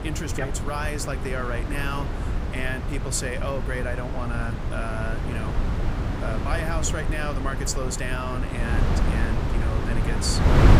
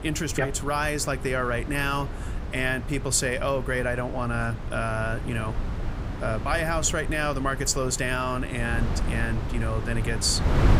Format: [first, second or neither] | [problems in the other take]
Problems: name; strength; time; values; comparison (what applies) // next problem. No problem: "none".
second | wind noise on the microphone; heavy; 3 dB below the speech; occasional gusts in the second